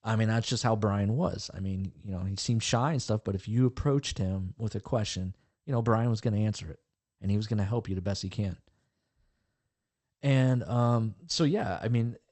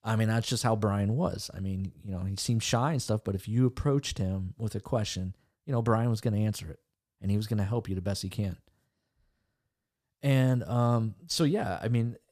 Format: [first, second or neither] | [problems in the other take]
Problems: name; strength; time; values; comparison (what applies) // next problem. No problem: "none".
second | garbled, watery; slightly; nothing above 8 kHz